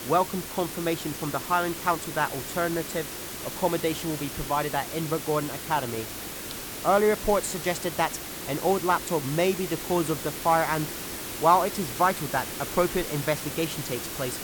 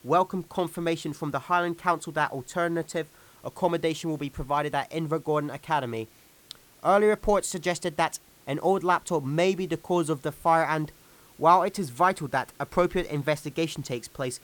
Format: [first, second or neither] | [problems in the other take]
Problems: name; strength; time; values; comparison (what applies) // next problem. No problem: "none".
second | hiss; loud; throughout; 7 dB below the speech; faint in the second